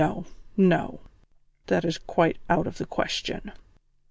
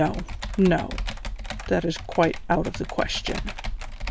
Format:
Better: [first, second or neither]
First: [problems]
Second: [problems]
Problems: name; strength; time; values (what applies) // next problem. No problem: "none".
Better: first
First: none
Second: background sound (Computer keyboard); 6 dB below the speech